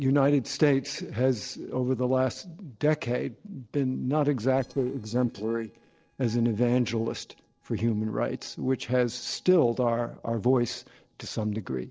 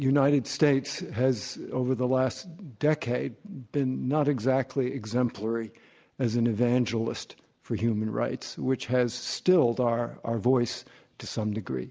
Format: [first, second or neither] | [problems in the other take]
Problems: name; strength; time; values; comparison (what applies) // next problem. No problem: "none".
second | noise reduction (neural separator model SepFormer DNS4)